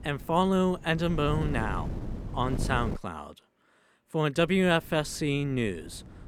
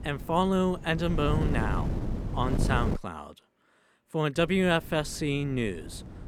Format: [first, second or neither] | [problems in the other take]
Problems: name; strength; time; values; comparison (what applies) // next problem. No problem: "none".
first | wind noise on the microphone; heavy; until 3 s and from 4.5 s on; 10 dB below the speech; occasional gusts in the first